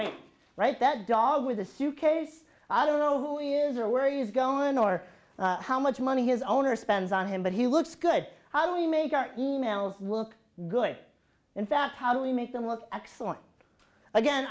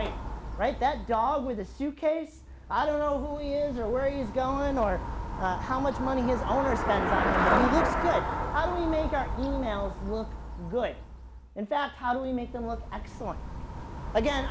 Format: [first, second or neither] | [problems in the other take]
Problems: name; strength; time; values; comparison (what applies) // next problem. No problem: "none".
first | background sound (Traffic noise, roadway noise / Bicycle); 2 dB below the speech